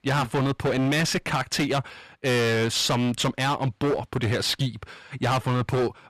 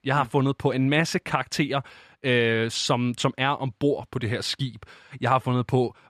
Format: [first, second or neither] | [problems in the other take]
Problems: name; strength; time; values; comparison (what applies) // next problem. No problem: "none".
second | distortion; heavy; 22% of the sound clipped